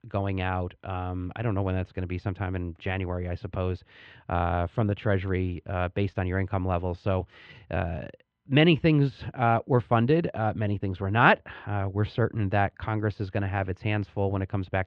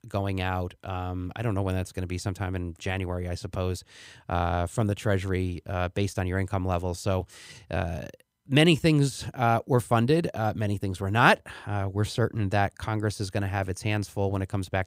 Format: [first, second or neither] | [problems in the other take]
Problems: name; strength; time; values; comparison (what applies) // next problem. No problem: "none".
second | muffled; very; fading above 3 kHz